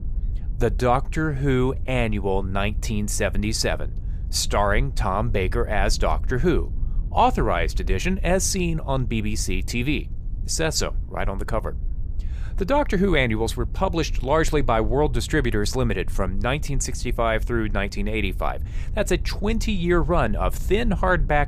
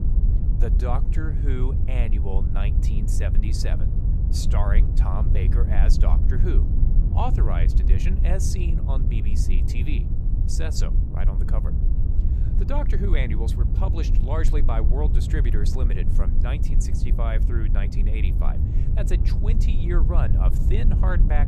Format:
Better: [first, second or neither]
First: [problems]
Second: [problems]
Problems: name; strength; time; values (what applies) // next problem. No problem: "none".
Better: first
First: low rumble; faint; throughout; 25 dB below the speech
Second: low rumble; loud; throughout; 4 dB below the speech